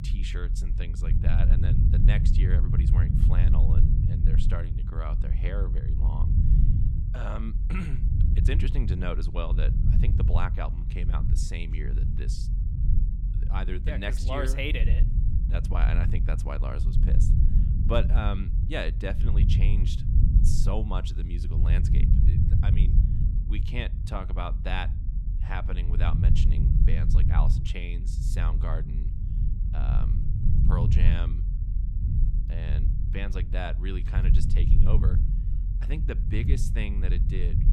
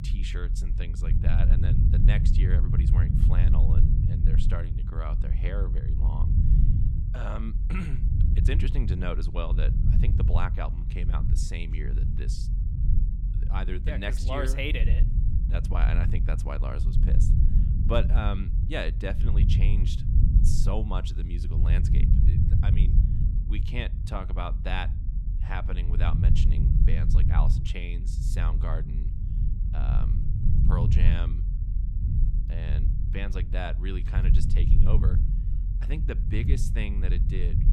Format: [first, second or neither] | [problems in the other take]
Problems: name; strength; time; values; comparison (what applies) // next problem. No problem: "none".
neither | low rumble; loud; throughout; 4 dB below the speech; the same in both